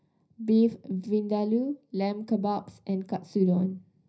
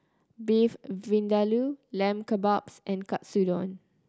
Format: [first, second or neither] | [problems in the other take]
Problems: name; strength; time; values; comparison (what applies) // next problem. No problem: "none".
second | room echo; dies away in 0.4 s